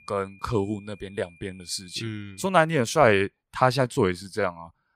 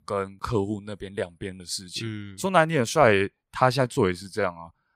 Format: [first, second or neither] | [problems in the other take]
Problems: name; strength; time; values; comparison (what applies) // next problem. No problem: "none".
second | high-pitched whine; faint; until 2.5 s; 2.5 kHz, 30 dB below the speech